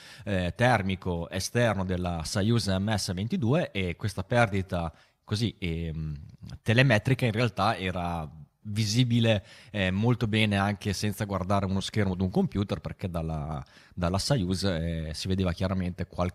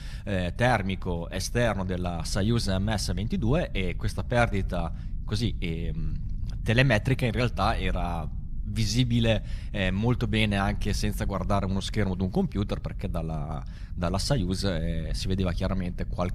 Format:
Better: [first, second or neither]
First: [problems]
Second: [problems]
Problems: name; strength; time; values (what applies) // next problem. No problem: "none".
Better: first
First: none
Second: low rumble; faint; throughout; 25 dB below the speech